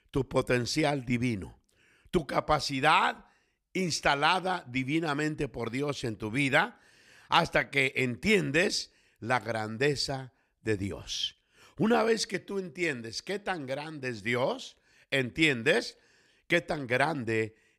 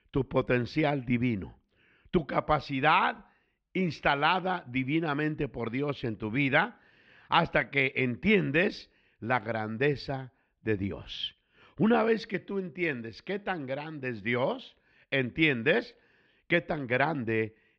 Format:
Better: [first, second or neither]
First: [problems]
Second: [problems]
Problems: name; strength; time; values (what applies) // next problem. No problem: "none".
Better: first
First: none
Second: muffled; slightly; fading above 3.5 kHz